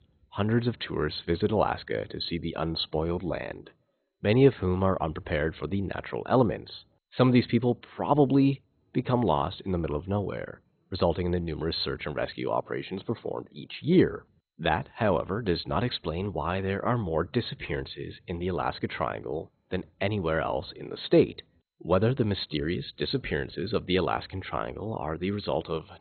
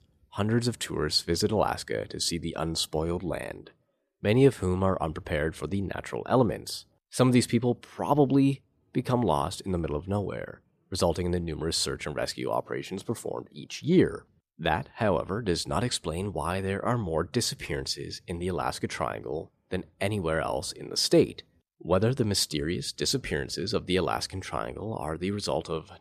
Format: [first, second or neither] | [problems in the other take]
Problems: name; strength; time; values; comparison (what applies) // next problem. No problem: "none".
second | garbled, watery; badly; nothing above 4 kHz